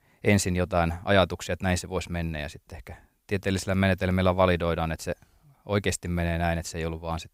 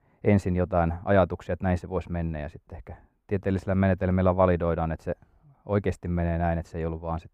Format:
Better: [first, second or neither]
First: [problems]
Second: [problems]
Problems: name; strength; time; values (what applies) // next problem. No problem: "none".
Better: first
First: none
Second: muffled; very; fading above 2.5 kHz